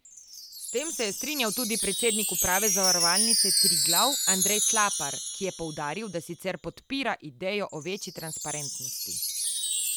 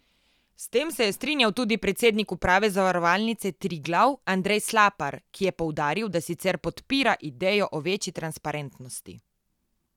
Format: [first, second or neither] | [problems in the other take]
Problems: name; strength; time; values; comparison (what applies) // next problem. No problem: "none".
second | background sound (Wind chime); 3 dB above the speech